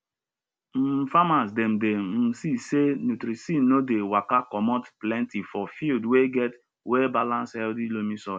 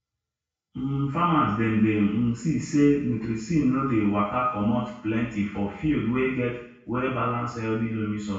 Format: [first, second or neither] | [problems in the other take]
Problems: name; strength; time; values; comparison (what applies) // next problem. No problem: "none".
first | room echo; dies away in 0.6 s